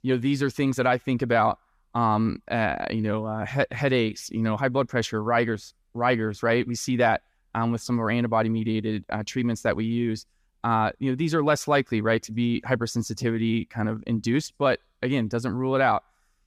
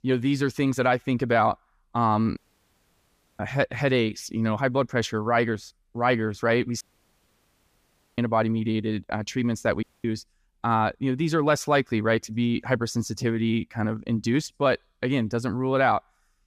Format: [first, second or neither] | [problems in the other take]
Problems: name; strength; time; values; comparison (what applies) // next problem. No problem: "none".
first | audio cutting out; at 2.5 s for 1 s, at 7 s for 1.5 s and at 10 s